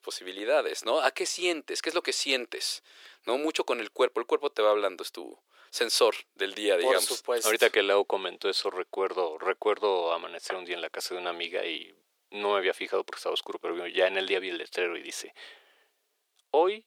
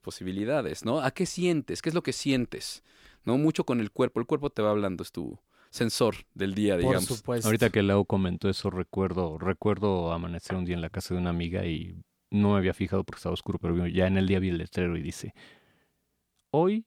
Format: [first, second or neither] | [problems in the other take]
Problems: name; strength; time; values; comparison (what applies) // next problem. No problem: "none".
second | thin; very; fading below 400 Hz